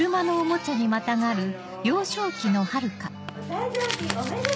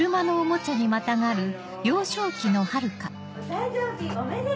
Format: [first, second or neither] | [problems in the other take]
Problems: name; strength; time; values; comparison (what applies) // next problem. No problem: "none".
second | background sound (Crumpling, crinkling); 14 dB below the speech